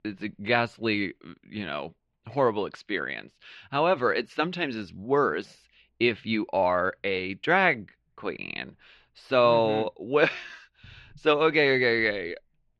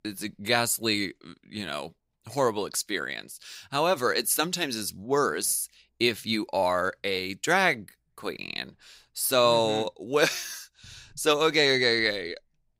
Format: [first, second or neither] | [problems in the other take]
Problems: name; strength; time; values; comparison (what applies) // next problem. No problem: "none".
second | muffled; slightly; fading above 3 kHz